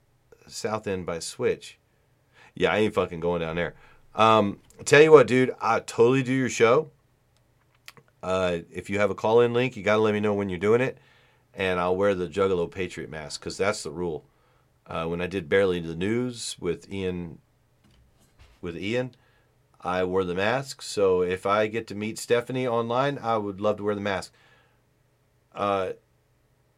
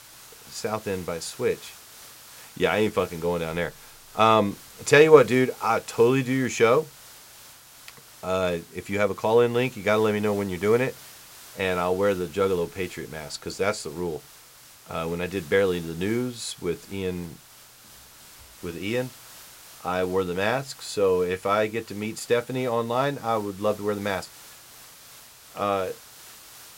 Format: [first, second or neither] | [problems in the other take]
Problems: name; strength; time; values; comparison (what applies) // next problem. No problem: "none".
first | hiss; faint; throughout; 20 dB below the speech